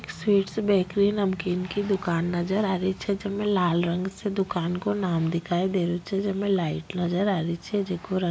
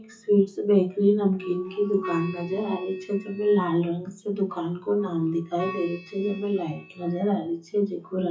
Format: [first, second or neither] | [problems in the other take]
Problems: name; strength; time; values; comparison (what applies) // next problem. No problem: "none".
first | noise reduction (classical method WPE with log-MMSE)